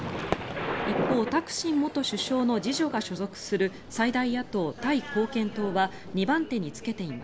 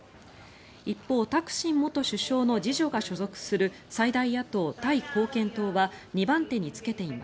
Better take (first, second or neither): second